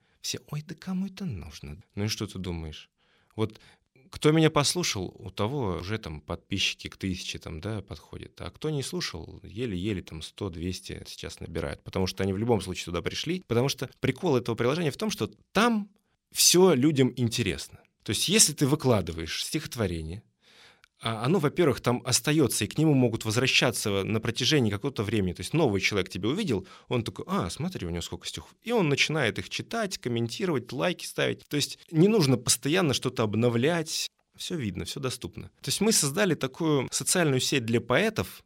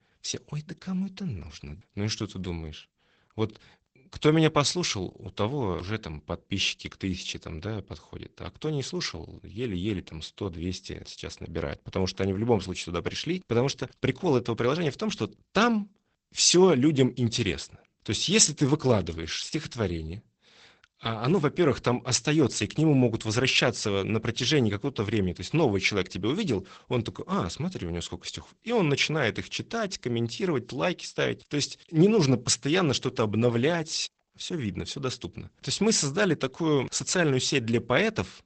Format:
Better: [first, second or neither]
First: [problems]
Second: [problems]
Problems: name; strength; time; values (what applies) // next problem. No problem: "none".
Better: first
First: none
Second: garbled, watery; badly; nothing above 8 kHz